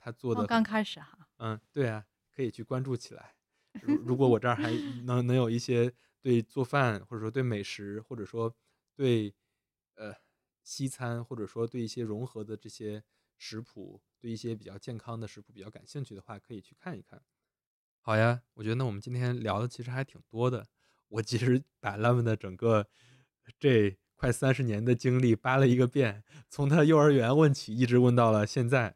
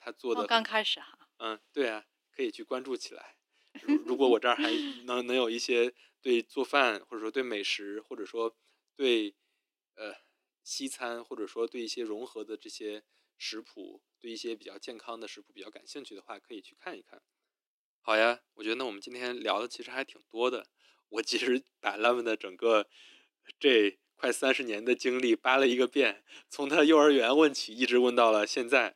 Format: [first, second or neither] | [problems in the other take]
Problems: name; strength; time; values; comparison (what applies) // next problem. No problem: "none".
first | thin; somewhat; fading below 300 Hz